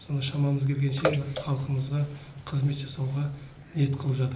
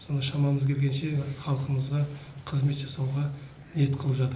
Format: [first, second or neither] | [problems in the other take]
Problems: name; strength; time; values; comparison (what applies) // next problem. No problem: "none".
second | background sound (Bathtub (filling or washing) / Water / Splash, splatter); 9 dB below the speech